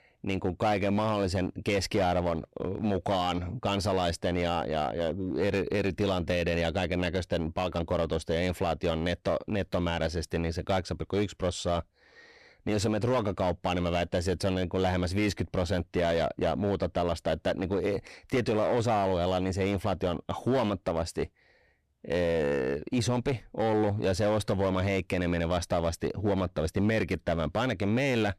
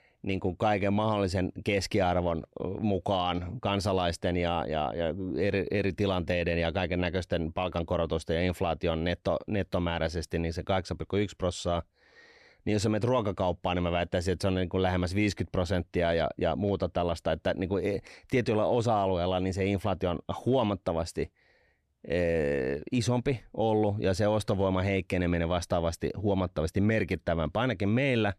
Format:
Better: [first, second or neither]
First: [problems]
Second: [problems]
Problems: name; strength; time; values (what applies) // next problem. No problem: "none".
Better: second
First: distortion; slight; 11% of the sound clipped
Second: none